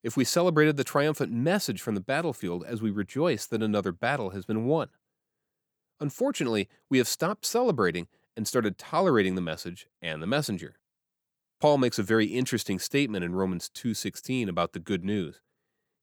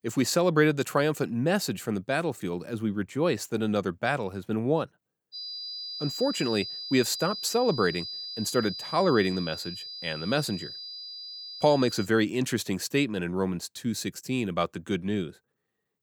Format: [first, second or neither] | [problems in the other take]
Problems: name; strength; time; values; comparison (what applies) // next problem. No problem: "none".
first | high-pitched whine; loud; from 5.5 to 12 s; 5 kHz, 8 dB below the speech